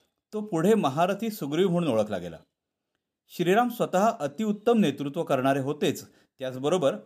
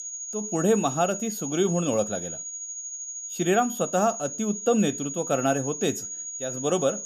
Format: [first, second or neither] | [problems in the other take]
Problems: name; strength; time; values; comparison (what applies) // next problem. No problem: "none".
first | high-pitched whine; loud; throughout; 6.5 kHz, 7 dB below the speech